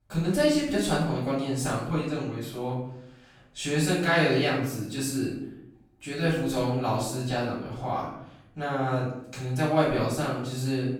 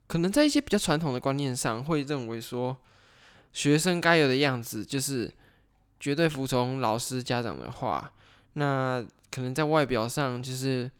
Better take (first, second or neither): second